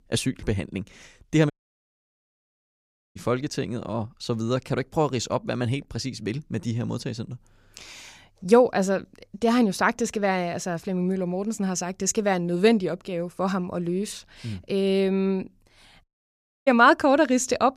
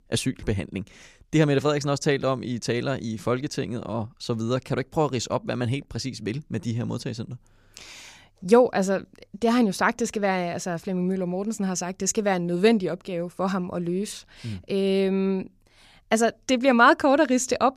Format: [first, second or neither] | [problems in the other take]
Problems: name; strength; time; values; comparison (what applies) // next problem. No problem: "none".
second | audio cutting out; at 1.5 s for 1.5 s and at 16 s for 0.5 s